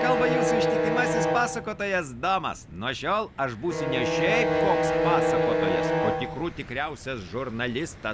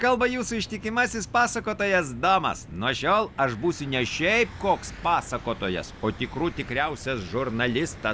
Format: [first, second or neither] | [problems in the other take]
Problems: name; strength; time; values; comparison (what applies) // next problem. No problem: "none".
second | background sound (Bowed string instrument); 2 dB above the speech